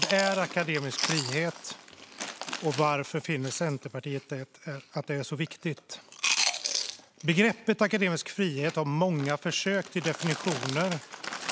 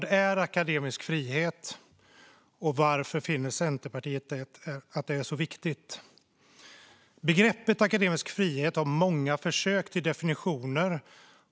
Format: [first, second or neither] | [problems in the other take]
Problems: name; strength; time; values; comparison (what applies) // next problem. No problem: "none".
second | background sound (Chewing, mastication); 7 dB below the speech